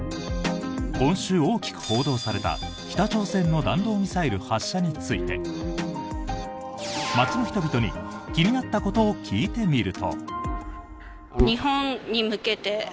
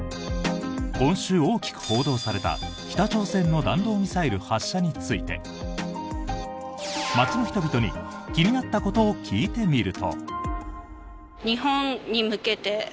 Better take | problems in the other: second | background sound (Dog); 11 dB below the speech

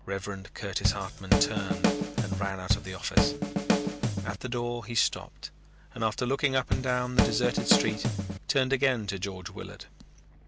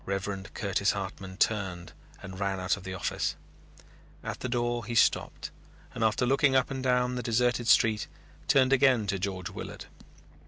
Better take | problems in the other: second | background sound (Drum kit); 4 dB above the speech

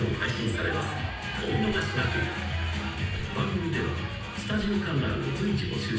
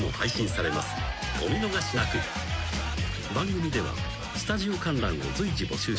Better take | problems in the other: second | background sound (Slam / Car); 19 dB below the speech // room echo; dies away in 0.9 s

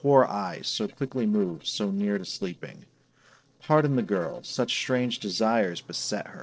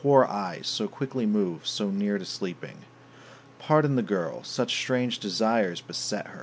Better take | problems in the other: second | noise reduction (neural separator model SepFormer DNS4)

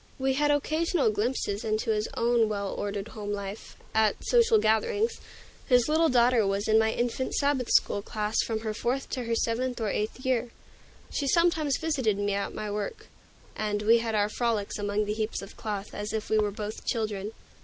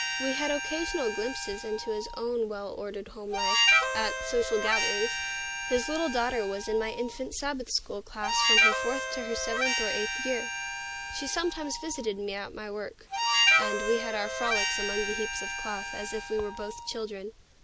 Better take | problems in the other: first | background sound (Harmonica); 2 dB above the speech

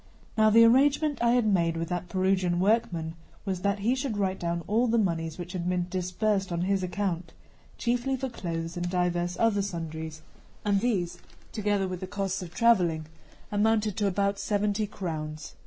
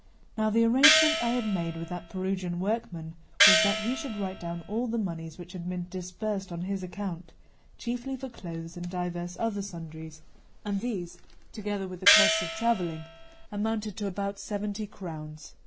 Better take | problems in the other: first | background sound (Gong); 4 dB above the speech

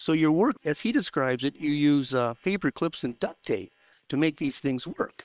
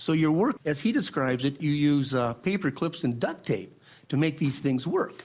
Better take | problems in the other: second | noise reduction (neural separator model SepFormer WHAM!)

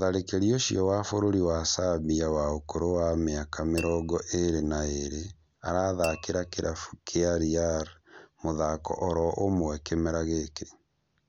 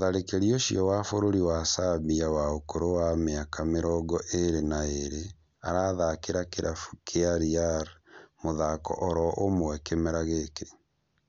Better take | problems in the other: second | background sound (Tap / Glass); 17 dB below the speech

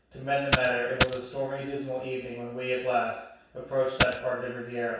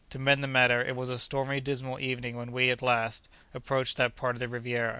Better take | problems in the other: second | background sound (Coin (dropping)); 2 dB above the speech // room echo; dies away in 0.7 s

